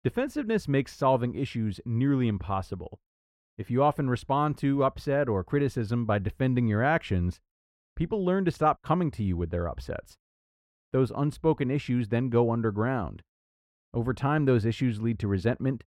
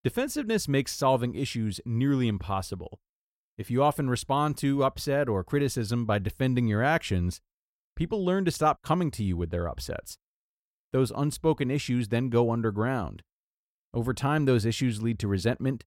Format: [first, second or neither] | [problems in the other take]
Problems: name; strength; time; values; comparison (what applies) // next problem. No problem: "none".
second | muffled; slightly; fading above 3.5 kHz